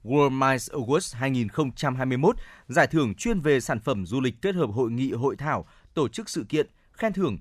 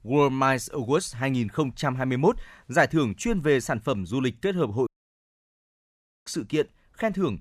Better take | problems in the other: first | audio cutting out; at 5 s for 1.5 s

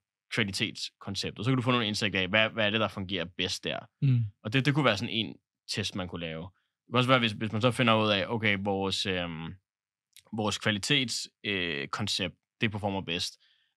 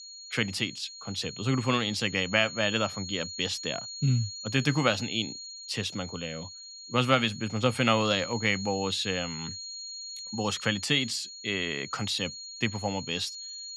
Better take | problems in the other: first | high-pitched whine; noticeable; throughout; 4.5 kHz, 10 dB below the speech

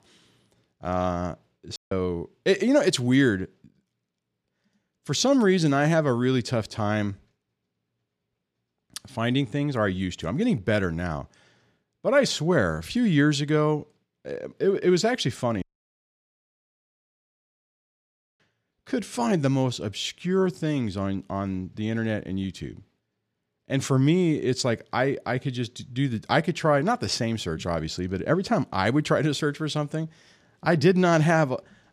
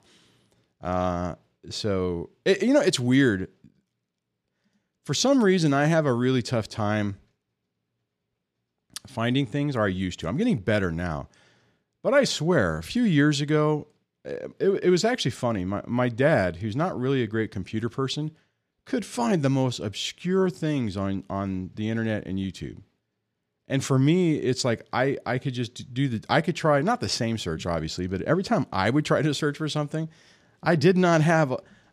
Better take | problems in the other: second | audio cutting out; at 2 s and at 16 s for 3 s

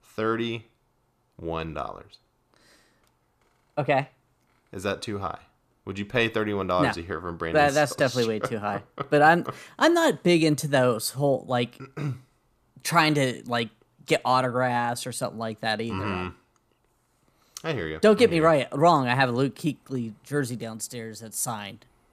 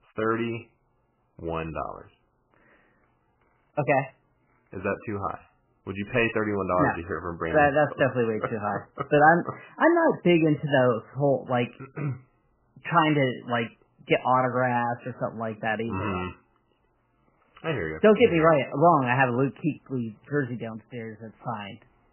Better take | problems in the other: first | garbled, watery; badly; nothing above 3 kHz

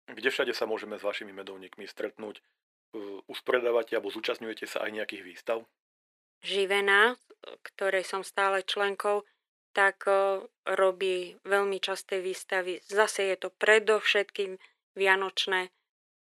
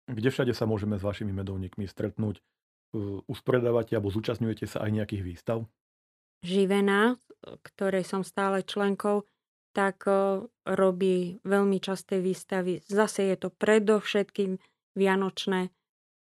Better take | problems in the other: second | thin; very; fading below 400 Hz

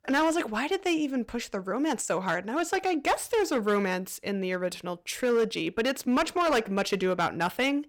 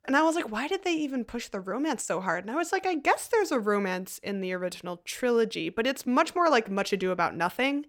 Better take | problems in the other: second | distortion; slight; 6% of the sound clipped

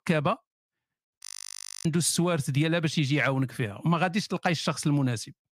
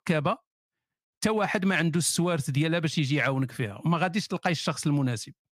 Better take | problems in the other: second | audio freezing; at 1 s for 0.5 s

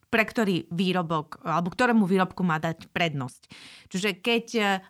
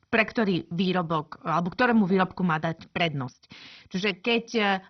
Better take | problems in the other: first | garbled, watery; badly; nothing above 6 kHz

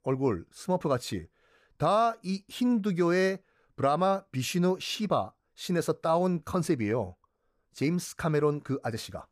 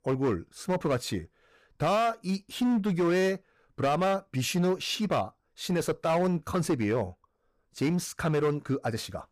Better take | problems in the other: first | distortion; slight; 10% of the sound clipped

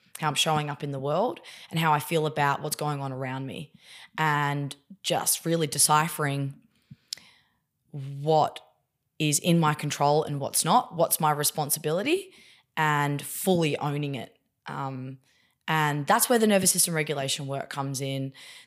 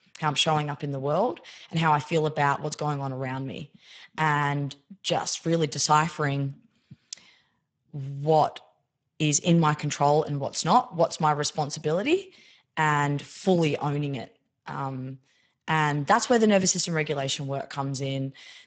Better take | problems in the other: first | garbled, watery; badly; nothing above 7.5 kHz

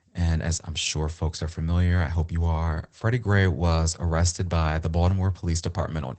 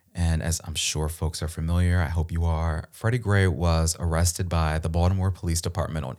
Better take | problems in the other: second | garbled, watery; badly; nothing above 8 kHz

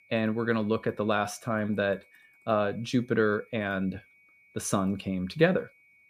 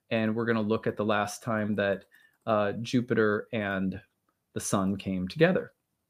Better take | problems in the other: second | high-pitched whine; faint; throughout; 2.5 kHz, 30 dB below the speech

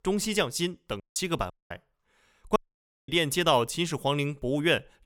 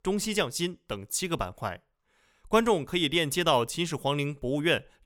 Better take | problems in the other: second | audio cutting out; at 1 s, at 1.5 s and at 2.5 s for 0.5 s

